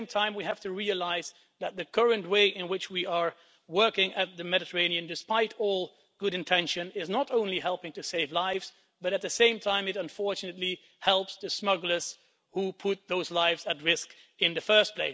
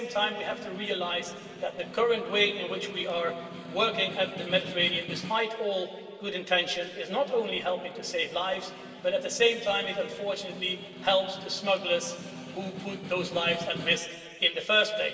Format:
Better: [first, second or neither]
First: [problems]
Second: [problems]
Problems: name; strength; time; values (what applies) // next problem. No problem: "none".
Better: first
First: none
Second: background sound (Snare drum); 14 dB below the speech // room echo; dies away in 2.7 s